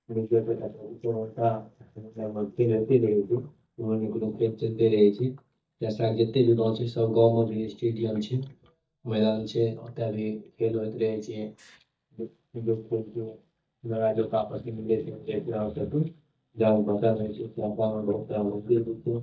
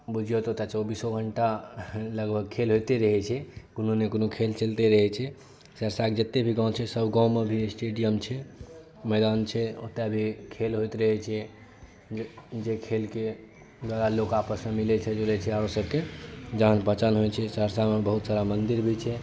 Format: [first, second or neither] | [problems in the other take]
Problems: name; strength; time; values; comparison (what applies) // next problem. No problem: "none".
second | noise reduction (neural mask model DeepFilterNet 3)